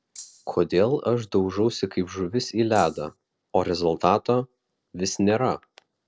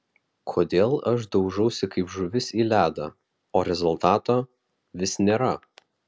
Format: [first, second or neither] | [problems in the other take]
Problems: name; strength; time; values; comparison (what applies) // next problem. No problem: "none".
second | noise reduction (neural separator model SepFormer DNS4)